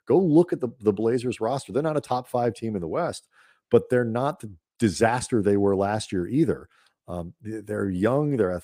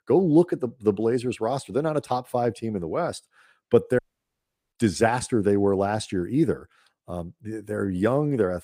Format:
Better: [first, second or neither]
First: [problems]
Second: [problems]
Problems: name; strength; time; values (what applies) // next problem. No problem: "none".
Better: first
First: none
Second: audio cutting out; at 4 s for 0.5 s